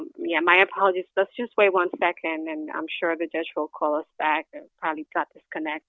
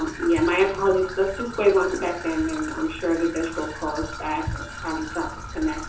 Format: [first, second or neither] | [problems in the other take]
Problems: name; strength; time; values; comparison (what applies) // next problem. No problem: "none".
first | background sound (Trickle, dribble / Traffic noise, roadway noise); 10 dB below the speech // room echo; dies away in 0.6 s